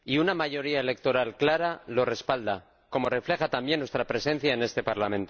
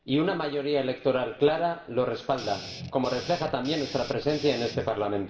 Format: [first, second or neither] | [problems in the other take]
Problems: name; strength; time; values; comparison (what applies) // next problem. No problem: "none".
first | background sound (Guitar); 13 dB below the speech // room echo; dies away in 0.9 s